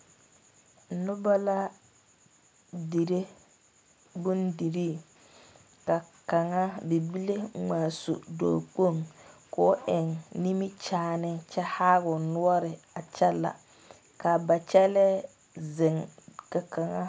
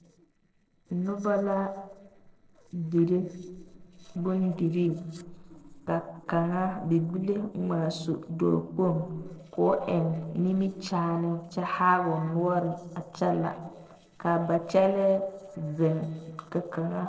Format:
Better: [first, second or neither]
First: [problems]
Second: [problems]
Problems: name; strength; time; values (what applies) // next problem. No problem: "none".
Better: first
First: none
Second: noise reduction (neural separator model SepFormer DNS4)